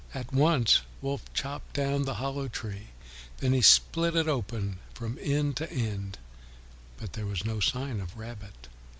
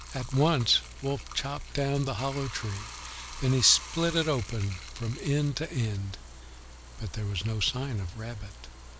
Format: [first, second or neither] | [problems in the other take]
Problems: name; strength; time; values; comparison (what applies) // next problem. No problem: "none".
first | background sound (Bathtub (filling or washing)); 16 dB below the speech